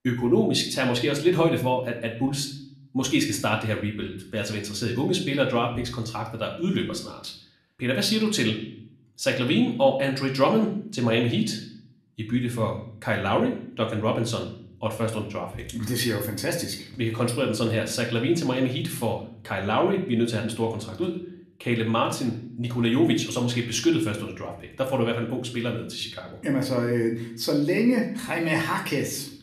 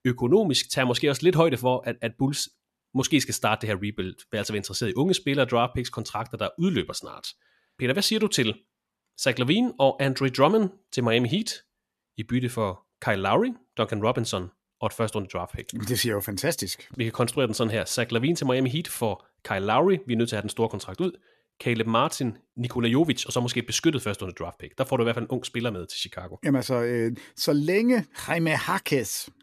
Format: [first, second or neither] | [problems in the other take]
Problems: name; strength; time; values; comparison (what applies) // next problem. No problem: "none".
second | room echo; slight; dies away in 0.5 s // off-mic speech; somewhat distant